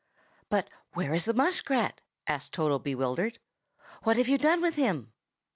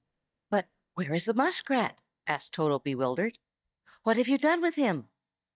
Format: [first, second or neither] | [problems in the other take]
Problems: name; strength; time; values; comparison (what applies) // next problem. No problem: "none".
first | noise reduction (neural mask model DeepFilterNet 3)